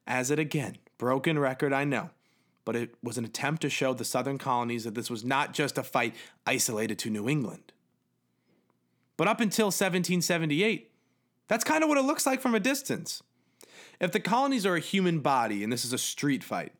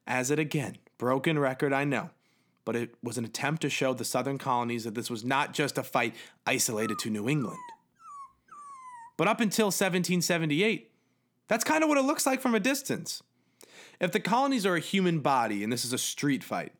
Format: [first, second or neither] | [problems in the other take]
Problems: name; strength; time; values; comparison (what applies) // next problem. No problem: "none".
first | dog barking; faint; from 7 to 9 s; peak 15 dB below the speech